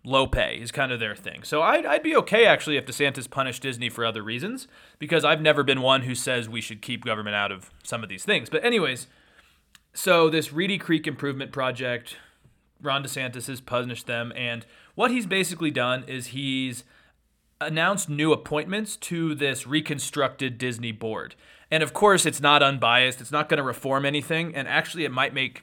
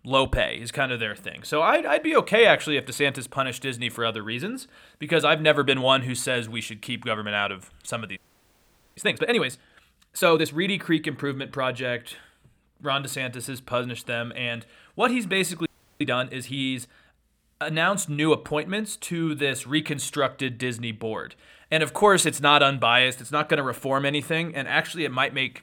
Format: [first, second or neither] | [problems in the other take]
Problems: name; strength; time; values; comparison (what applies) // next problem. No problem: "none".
first | audio freezing; at 8 s for 1 s and at 16 s